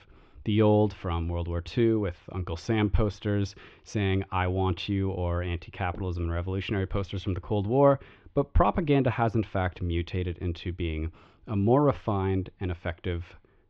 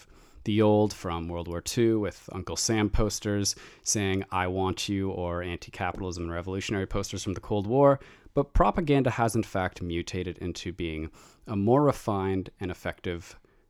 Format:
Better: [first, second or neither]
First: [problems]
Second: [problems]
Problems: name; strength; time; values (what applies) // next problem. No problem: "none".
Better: second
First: muffled; very; fading above 3.5 kHz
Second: none